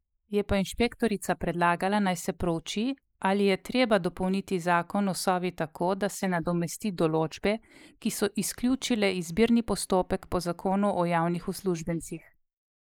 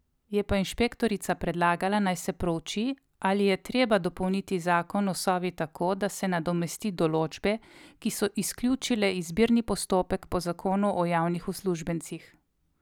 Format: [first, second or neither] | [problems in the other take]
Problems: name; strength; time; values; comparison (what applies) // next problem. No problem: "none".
second | noise reduction (neural mask model Resemble Enhance denoiser)